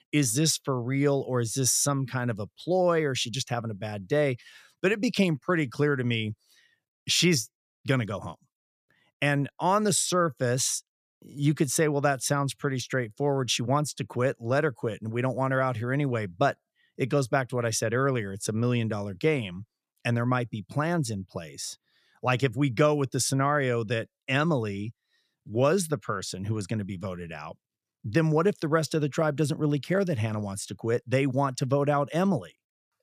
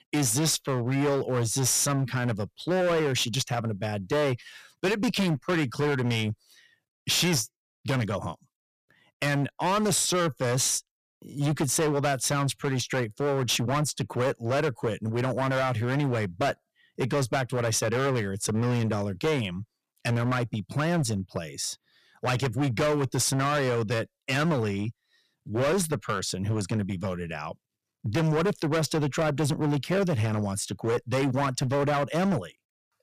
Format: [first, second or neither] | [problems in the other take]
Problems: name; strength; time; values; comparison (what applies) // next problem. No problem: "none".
first | distortion; heavy; 18% of the sound clipped